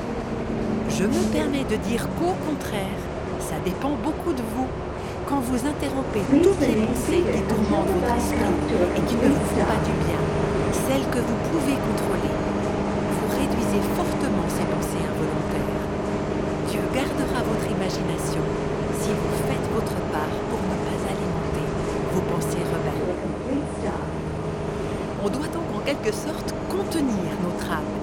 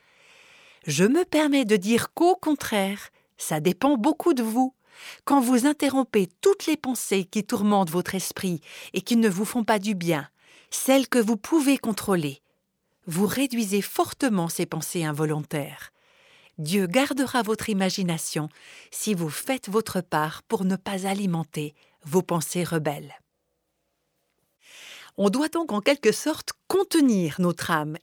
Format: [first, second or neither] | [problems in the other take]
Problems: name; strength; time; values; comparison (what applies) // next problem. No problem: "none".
second | traffic noise; very loud; throughout; 4 dB above the speech